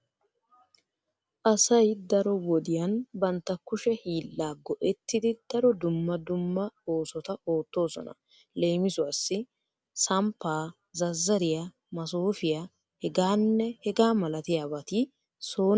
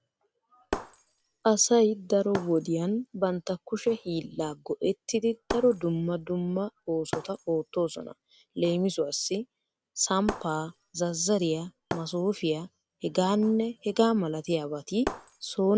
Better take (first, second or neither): first